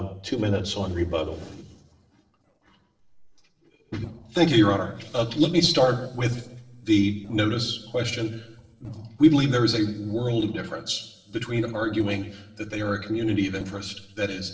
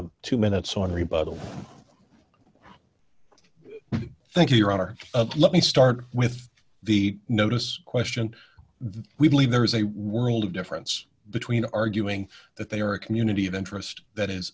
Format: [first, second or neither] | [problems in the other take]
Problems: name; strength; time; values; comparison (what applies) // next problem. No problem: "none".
second | noise reduction (neural separator model SepFormer DNS4)